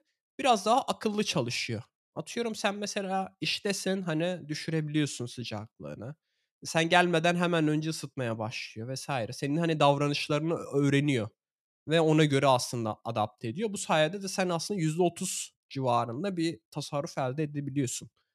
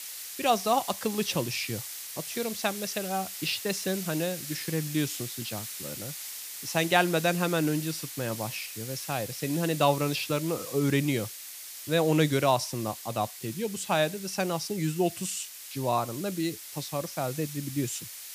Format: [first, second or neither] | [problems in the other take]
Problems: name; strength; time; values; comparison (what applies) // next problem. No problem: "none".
first | hiss; loud; throughout; 8 dB below the speech